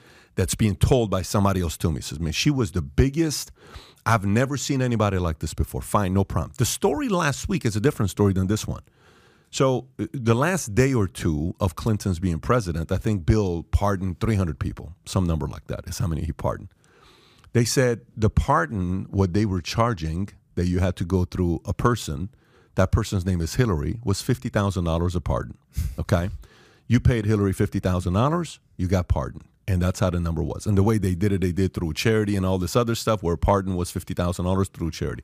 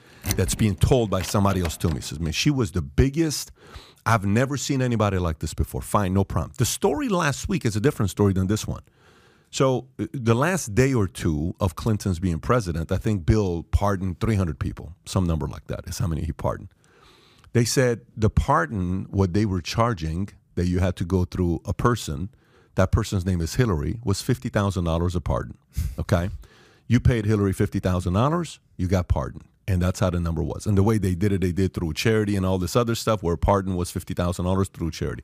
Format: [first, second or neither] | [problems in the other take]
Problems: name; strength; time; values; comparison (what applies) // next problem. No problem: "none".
first | door banging; noticeable; until 2 s; peak 5 dB below the speech